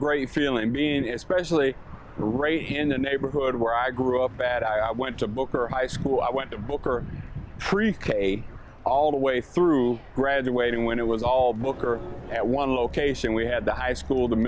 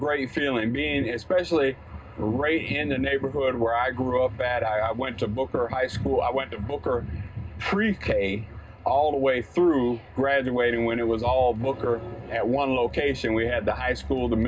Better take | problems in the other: first | room echo; dies away in 0.2 s

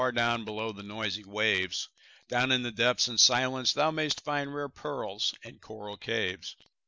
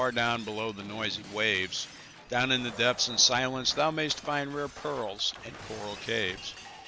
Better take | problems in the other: first | background sound (Shatter); 16 dB below the speech

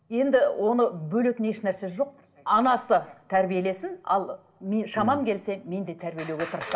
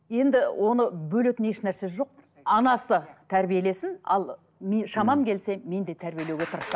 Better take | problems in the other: second | room echo; dies away in 0.4 s

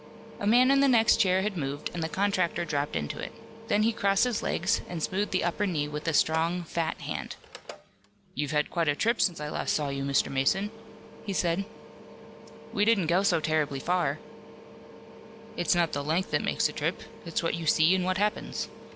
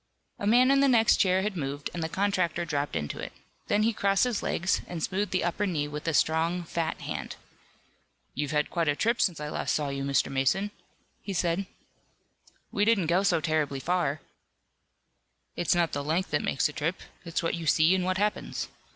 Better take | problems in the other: second | background sound (Mechanical fan); 17 dB below the speech

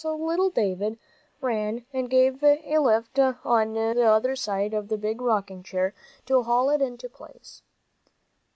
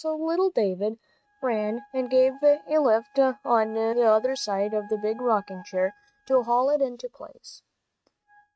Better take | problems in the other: first | noise reduction (neural mask model RNNoise)

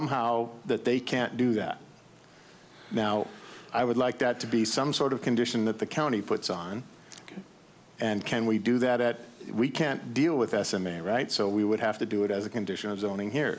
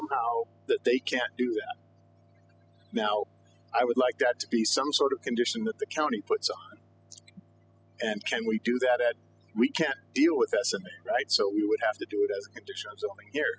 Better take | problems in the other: first | noise reduction (classical method spectral subtraction)

